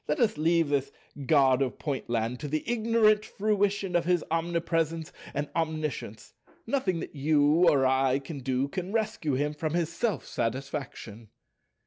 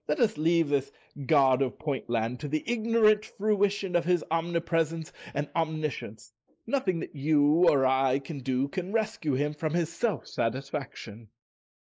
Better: first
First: none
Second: noise reduction (neural mask model Resemble Enhance denoiser)

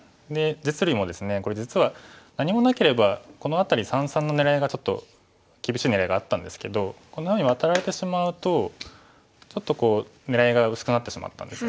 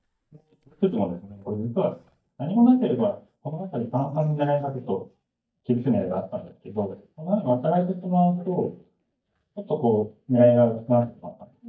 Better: first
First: none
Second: noise reduction (neural mask model DeepFilterNet 3)

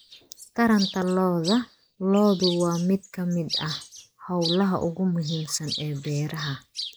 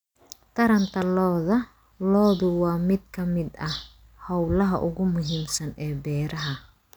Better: second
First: noise reduction (neural mask model Resemble Enhance denoiser)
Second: none

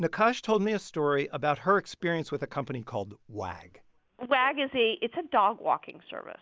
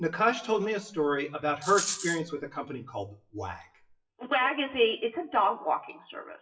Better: first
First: none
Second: noise reduction (classical method WPE with log-MMSE)

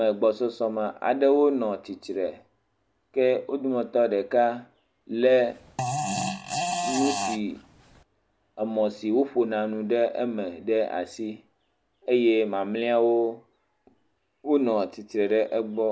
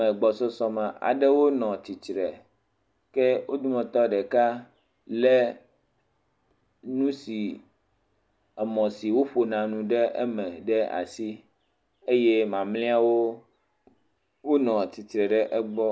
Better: second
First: background sound (Fart); 5 dB below the speech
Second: none

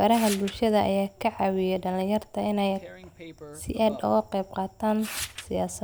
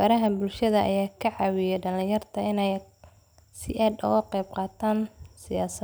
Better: second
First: background sound (Tearing); 16 dB below the speech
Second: none

